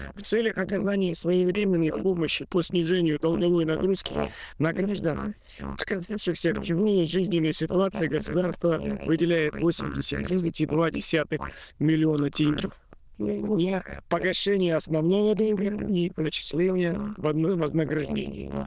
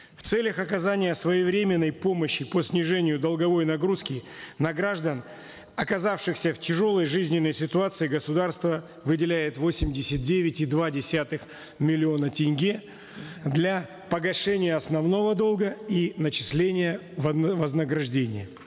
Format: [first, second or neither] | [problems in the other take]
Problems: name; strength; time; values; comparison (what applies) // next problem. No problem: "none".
second | noise reduction (neural diffusion model UNIVERSE++)